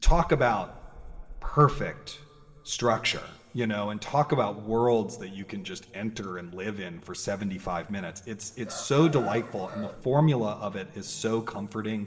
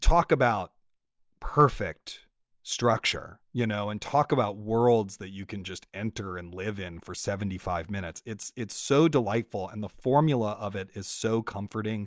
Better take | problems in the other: second | background sound (Chicken, rooster); 14 dB below the speech // room echo; dies away in 2.9 s

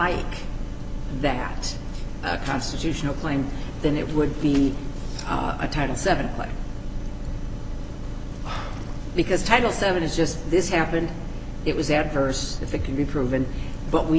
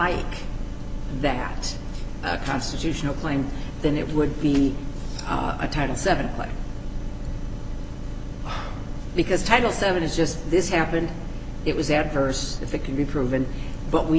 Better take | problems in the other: second | background sound (Waves, surf); 20 dB below the speech

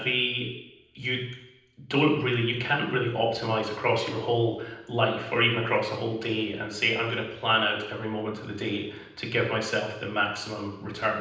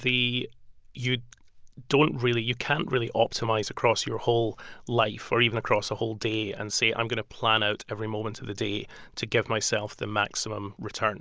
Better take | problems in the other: second | room echo; dies away in 0.9 s

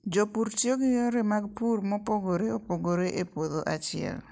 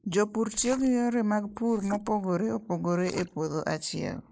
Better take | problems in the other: first | noise reduction (neural mask model Resemble Enhance denoiser)

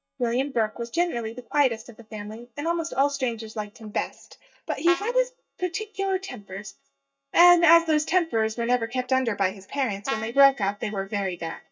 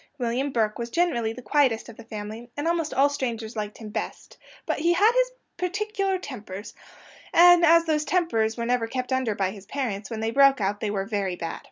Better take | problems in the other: second | noise reduction (neural mask model DeepFilterNet 3)

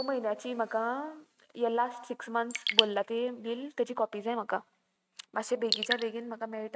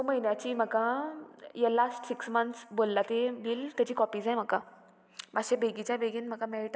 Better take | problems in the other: second | noise reduction (neural mask model RNNoise)

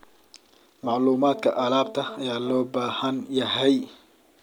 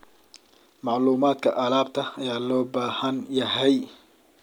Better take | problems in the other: second | background sound (Brass instrument); 18 dB below the speech

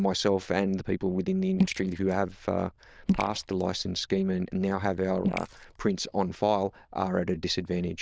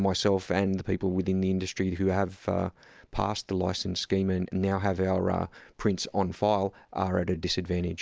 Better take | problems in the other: second | noise reduction (neural diffusion model UNIVERSE++)

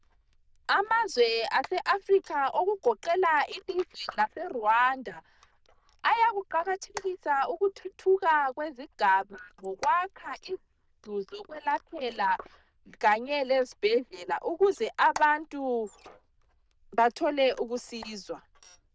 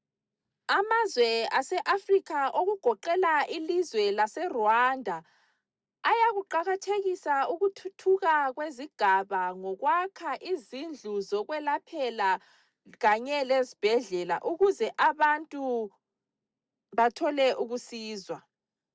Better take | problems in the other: second | noise reduction (neural diffusion model UNIVERSE++)

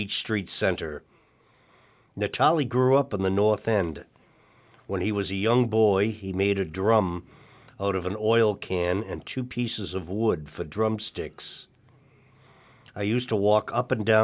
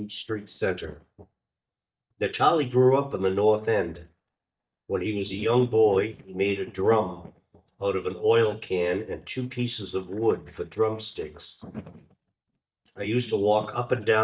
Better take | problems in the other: first | noise reduction (neural mask model DeepFilterNet 3)

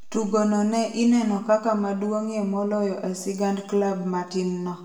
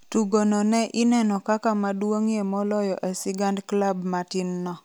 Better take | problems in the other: second | room echo; dies away in 0.8 s

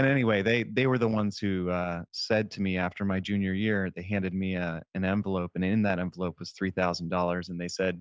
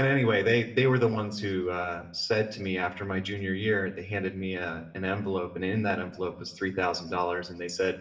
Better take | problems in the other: first | room echo; dies away in 0.6 s

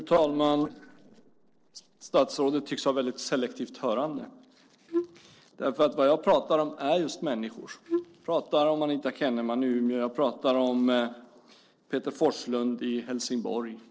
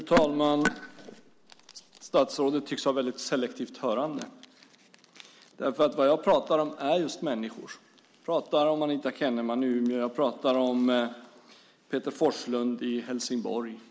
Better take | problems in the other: second | noise reduction (neural separator model SepFormer DNS4)

